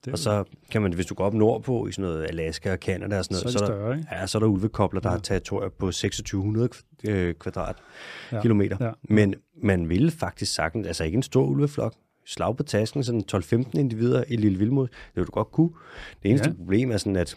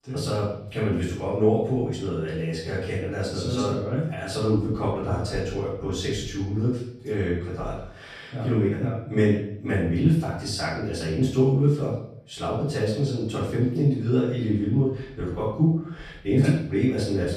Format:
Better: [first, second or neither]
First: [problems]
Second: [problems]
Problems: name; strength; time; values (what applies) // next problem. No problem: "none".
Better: first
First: none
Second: off-mic speech; far // room echo; noticeable; dies away in 0.6 s